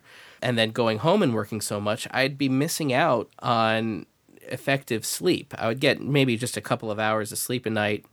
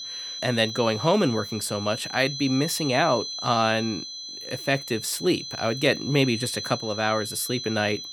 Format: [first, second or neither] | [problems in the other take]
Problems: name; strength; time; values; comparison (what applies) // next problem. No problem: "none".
first | high-pitched whine; loud; throughout; 4 kHz, 8 dB below the speech